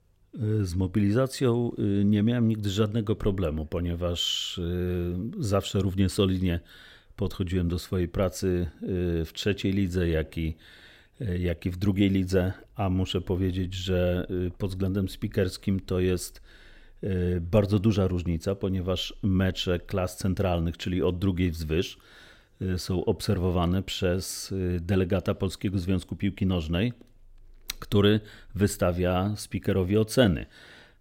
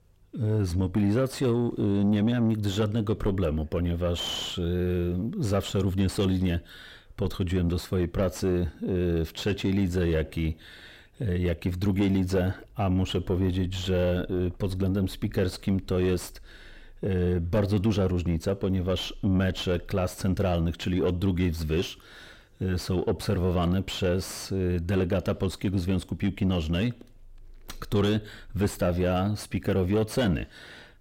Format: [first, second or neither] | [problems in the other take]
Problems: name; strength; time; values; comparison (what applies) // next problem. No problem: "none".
first | distortion; slight; 10 dB below the speech